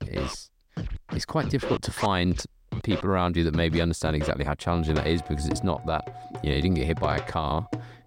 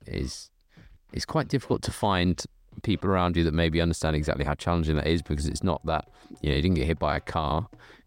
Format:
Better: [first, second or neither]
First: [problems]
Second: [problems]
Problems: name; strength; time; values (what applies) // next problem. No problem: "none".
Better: second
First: background music; loud; throughout; 9 dB below the speech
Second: background music; faint; throughout; 30 dB below the speech